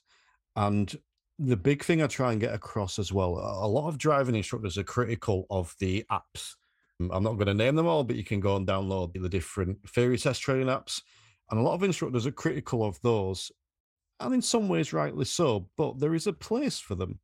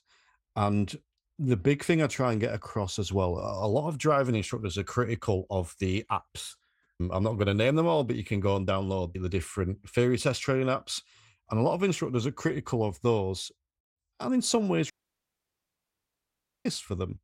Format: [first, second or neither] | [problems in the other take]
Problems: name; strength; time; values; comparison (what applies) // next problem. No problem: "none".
first | audio cutting out; at 15 s for 1.5 s